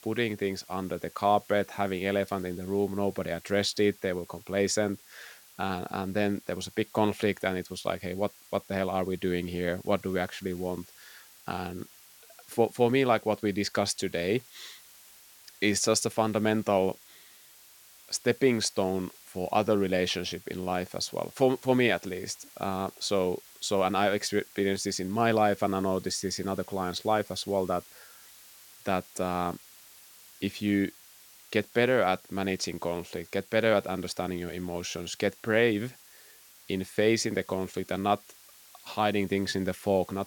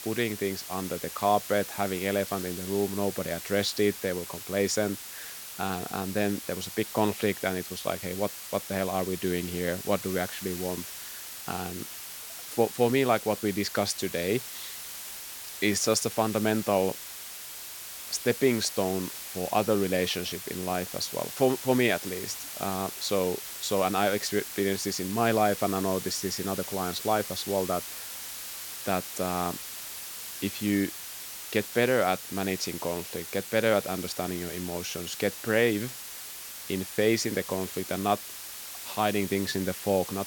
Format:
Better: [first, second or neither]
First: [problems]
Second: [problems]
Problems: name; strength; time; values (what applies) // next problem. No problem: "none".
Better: first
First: hiss; faint; throughout; 20 dB below the speech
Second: hiss; loud; throughout; 8 dB below the speech